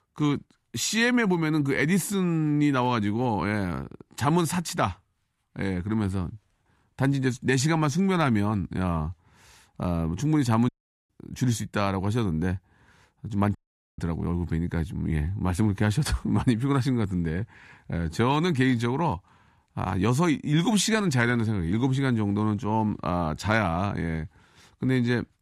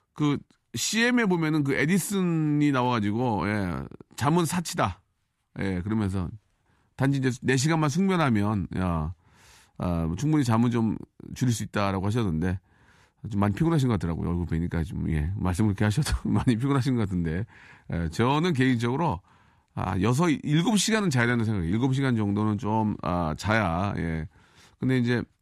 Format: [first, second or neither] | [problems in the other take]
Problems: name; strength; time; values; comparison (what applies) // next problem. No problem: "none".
second | audio cutting out; at 11 s and at 14 s